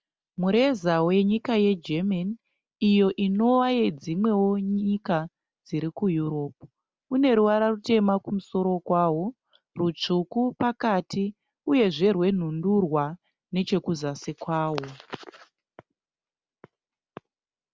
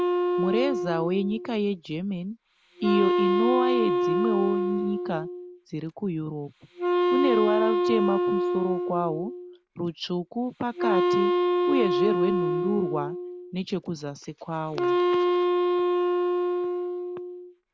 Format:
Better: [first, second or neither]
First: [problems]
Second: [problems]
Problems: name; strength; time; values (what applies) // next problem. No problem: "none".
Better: first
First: none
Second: background sound (Wind instrument, woodwind instrument); 4 dB above the speech